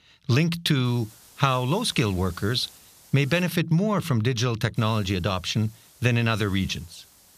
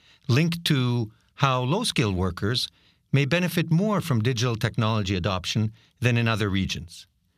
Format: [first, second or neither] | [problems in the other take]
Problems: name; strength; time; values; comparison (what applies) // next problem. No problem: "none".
second | hiss; faint; from 1 to 3.5 s and from 5 s on; 25 dB below the speech